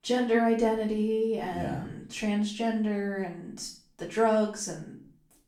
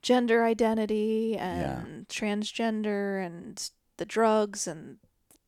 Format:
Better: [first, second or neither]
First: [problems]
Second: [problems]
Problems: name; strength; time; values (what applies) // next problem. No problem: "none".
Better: second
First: room echo; slight; dies away in 0.4 s // off-mic speech; far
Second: none